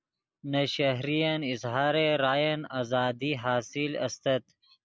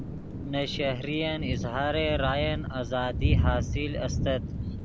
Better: first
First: none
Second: background sound (Thunder / Rain); 1 dB above the speech

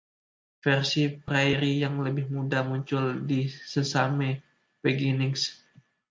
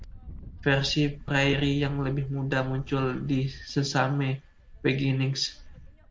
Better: first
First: none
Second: background sound (Wind); 16 dB below the speech

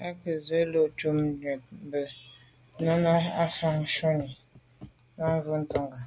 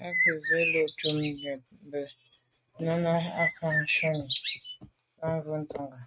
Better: first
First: none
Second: noise reduction (neural mask model RNNoise)

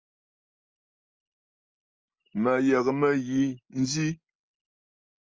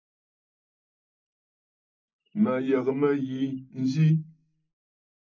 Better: first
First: none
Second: room echo; dies away in 0.4 s

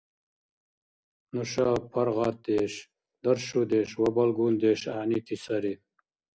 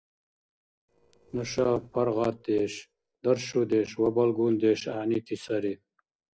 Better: first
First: none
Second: noise reduction (neural separator model SepFormer DNS4)

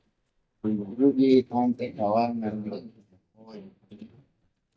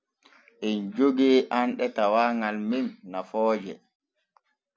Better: second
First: noise reduction (neural mask model DeepFilterNet 3)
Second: none

